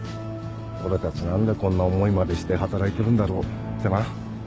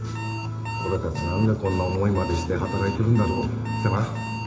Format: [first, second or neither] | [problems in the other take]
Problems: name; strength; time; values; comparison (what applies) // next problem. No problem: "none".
first | background sound (Alarm); 12 dB below the speech // room echo; dies away in 0.8 s